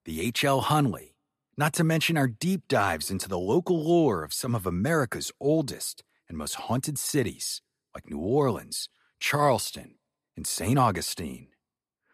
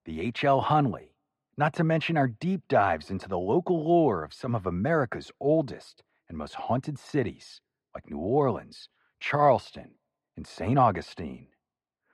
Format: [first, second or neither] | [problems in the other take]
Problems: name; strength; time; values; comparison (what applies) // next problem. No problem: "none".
first | muffled; very; fading above 2.5 kHz